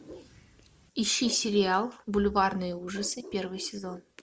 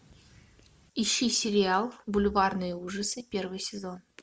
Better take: second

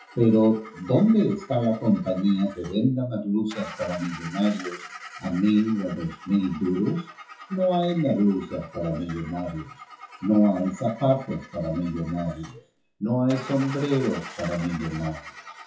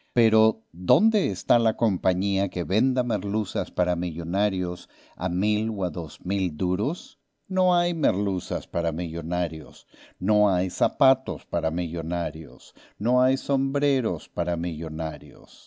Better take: second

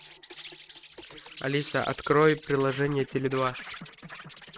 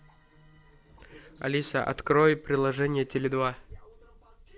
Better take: second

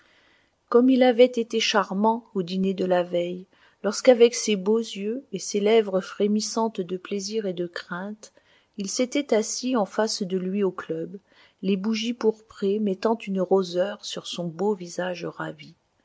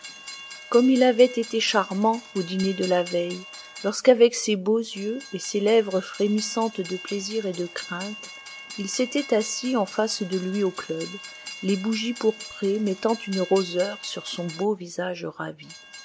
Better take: first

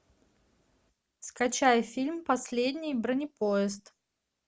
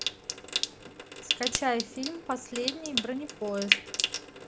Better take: first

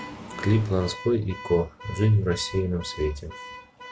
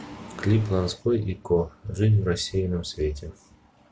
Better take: second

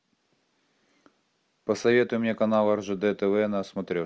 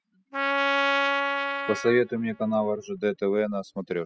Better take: first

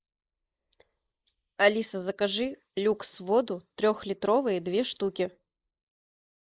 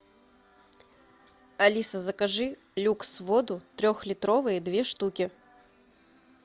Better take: second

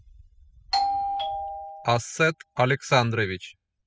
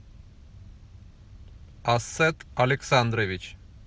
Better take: second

